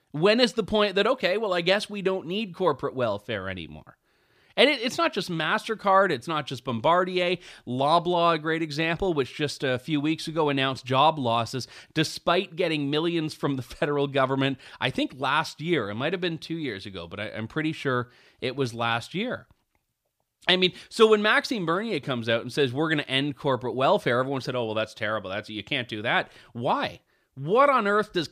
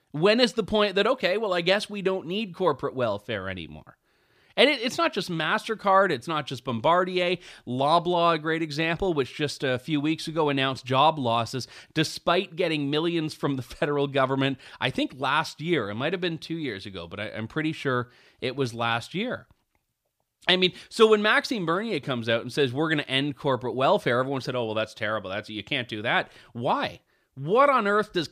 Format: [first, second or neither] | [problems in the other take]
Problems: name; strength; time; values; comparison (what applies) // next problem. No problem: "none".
neither | none